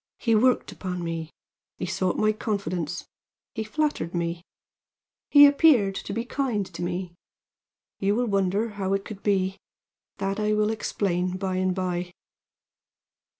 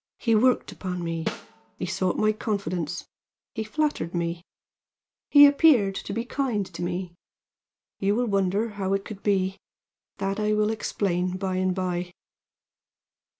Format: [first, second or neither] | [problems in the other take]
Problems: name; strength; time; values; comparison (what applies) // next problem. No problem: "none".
first | background sound (Snare drum); 10 dB below the speech